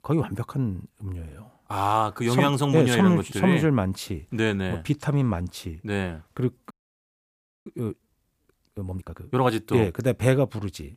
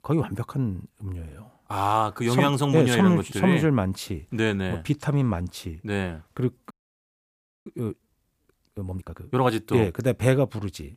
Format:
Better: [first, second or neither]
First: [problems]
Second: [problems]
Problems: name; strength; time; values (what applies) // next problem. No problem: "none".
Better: neither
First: audio freezing; at 6.5 s for 1 s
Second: audio freezing; at 6.5 s for 1 s